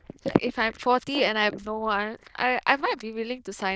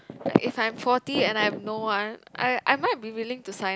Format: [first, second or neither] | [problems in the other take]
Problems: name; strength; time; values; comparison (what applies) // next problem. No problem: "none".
second | noise reduction (neural diffusion model UNIVERSE++)